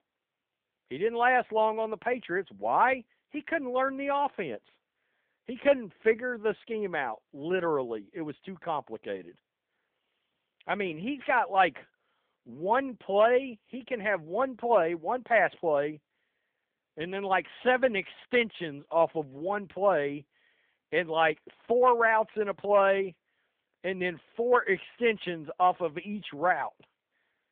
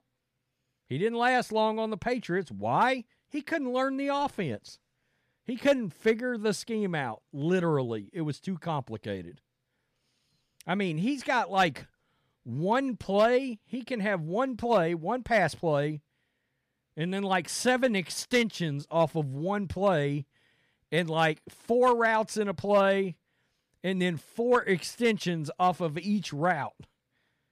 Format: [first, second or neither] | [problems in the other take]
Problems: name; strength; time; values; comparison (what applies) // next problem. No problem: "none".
second | phone-call audio